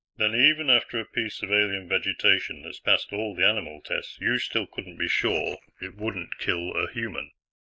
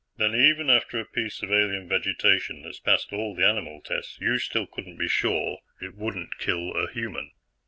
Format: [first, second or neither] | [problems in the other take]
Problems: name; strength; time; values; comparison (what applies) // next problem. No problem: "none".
second | noise reduction (neural mask model Resemble Enhance denoiser)